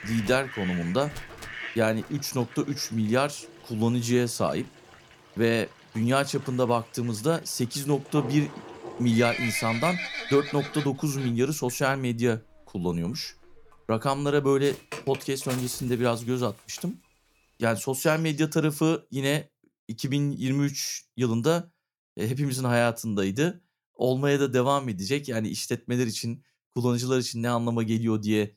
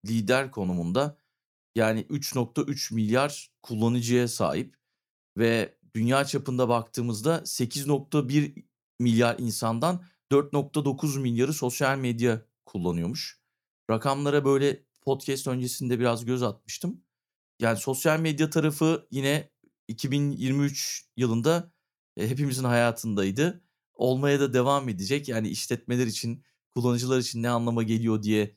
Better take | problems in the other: second | animal sounds; noticeable; until 18 s; 10 dB below the speech

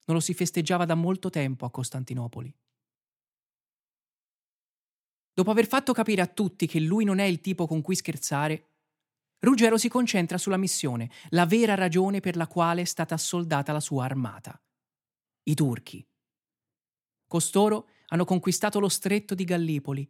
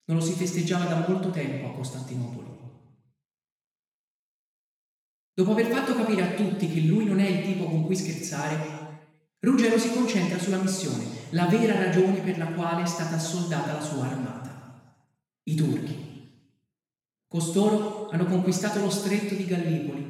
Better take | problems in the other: first | room echo; noticeable; dies away in 1.3 s // off-mic speech; far

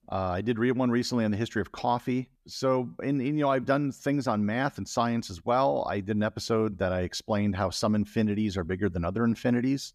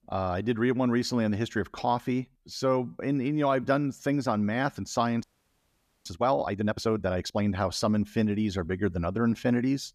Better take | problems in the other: first | audio freezing; at 5 s for 1 s

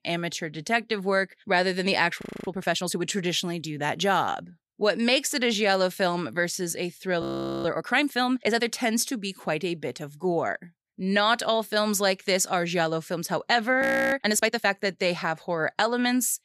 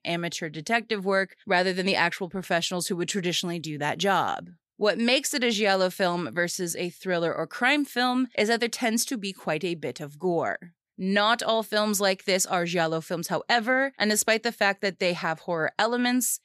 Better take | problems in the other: second | audio freezing; at 2 s, at 7 s and at 14 s

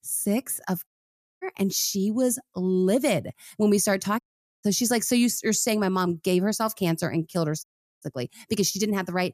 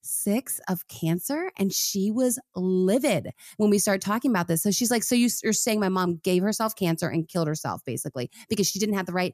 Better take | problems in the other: second | audio cutting out; at 1 s for 0.5 s, at 4 s and at 7.5 s

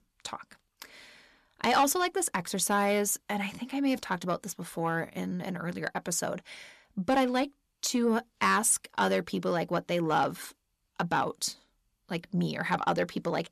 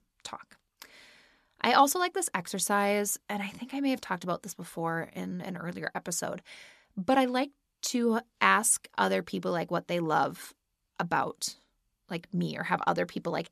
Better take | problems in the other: second | distortion; slight; 10 dB below the speech

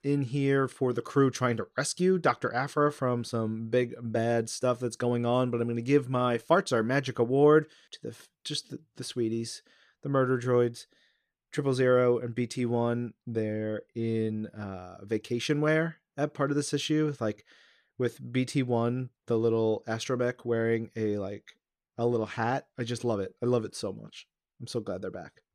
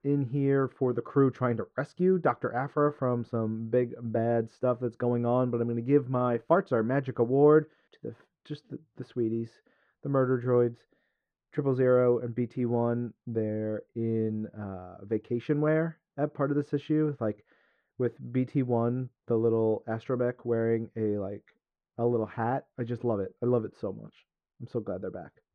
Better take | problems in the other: first | muffled; very; fading above 3 kHz

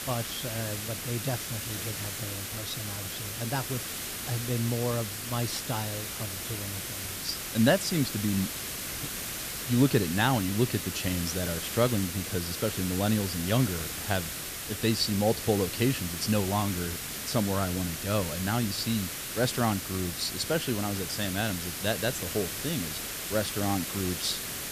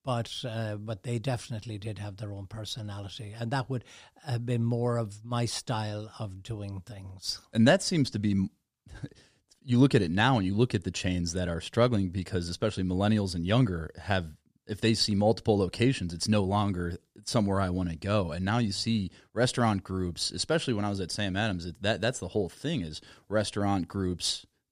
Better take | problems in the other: second | hiss; loud; throughout; 3 dB below the speech

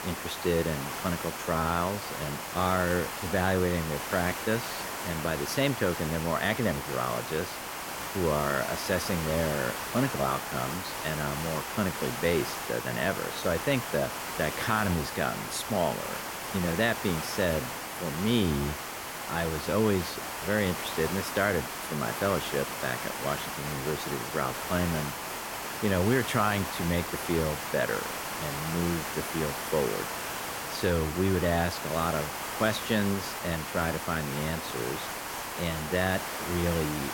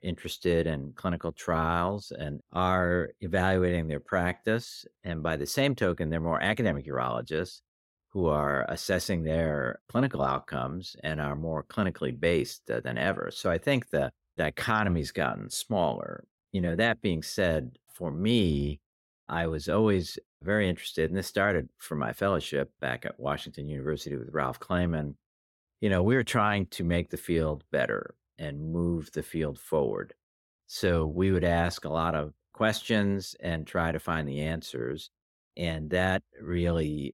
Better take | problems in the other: second | hiss; loud; throughout; 4 dB below the speech

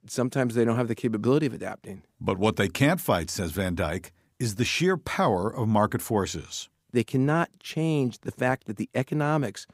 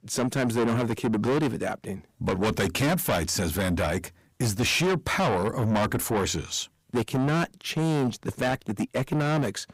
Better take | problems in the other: first | distortion; heavy; 5 dB below the speech

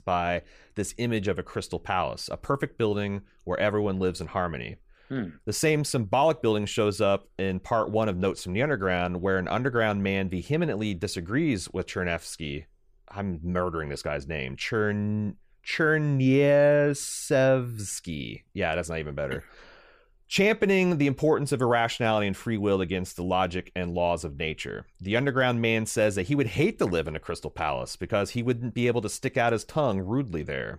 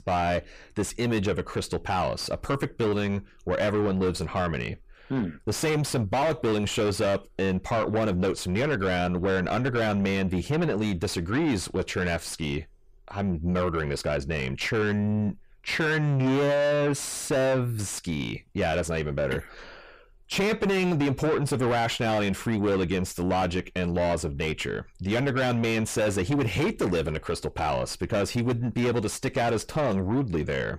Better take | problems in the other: first | distortion; heavy; 6 dB below the speech

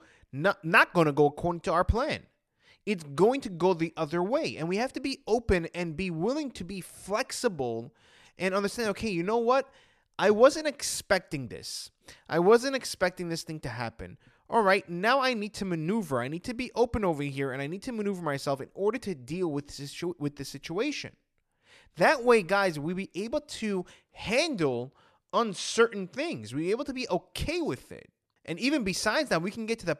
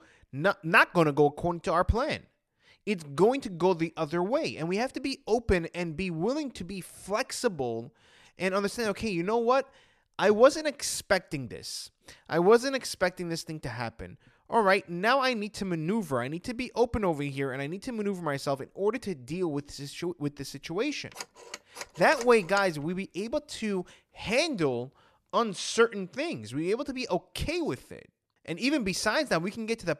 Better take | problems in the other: first | phone ringing; faint; from 21 to 23 s; peak 10 dB below the speech

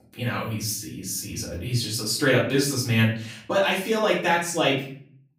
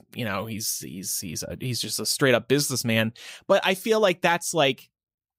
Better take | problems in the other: second | off-mic speech; far // room echo; slight; dies away in 0.5 s

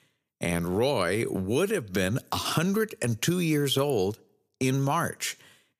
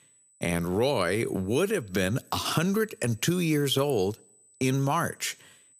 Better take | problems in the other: first | high-pitched whine; faint; throughout; 8 kHz, 30 dB below the speech

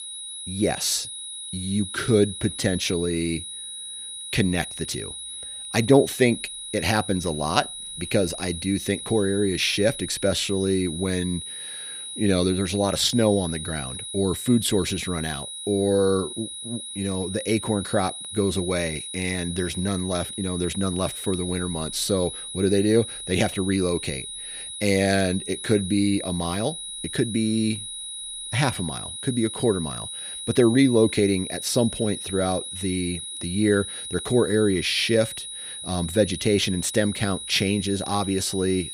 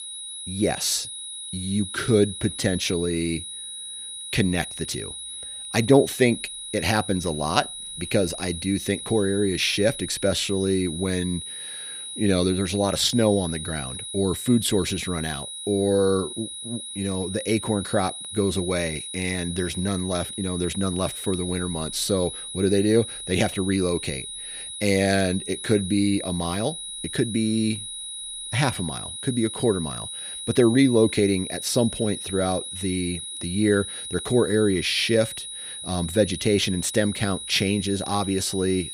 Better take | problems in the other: neither | high-pitched whine; loud; throughout; 4 kHz, 8 dB below the speech; the same in both

